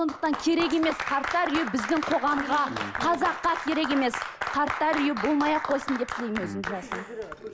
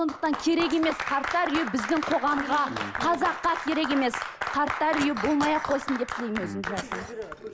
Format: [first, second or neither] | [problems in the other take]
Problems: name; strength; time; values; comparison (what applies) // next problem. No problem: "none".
first | background sound (Glass); 13 dB below the speech